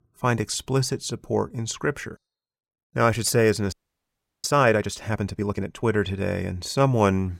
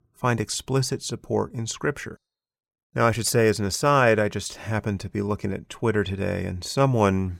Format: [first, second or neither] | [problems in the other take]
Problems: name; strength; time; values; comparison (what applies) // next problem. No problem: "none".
second | audio freezing; at 3.5 s for 0.5 s